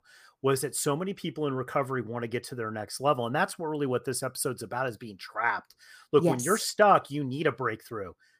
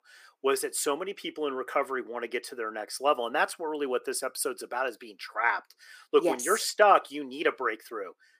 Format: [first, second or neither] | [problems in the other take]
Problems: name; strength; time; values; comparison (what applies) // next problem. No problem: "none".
first | thin; somewhat; fading below 300 Hz